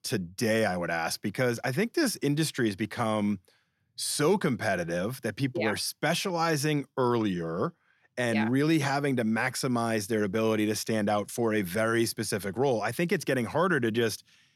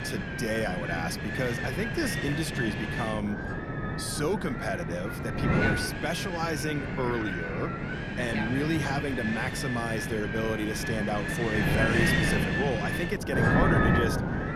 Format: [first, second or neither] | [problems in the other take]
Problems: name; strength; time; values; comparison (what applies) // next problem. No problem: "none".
first | wind noise on the microphone; heavy; 2 dB above the speech